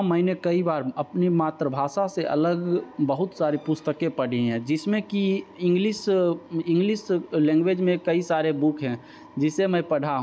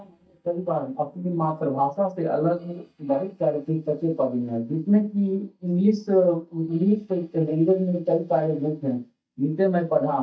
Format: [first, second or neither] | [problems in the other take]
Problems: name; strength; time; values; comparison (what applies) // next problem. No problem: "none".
first | noise reduction (neural mask model DeepFilterNet 3)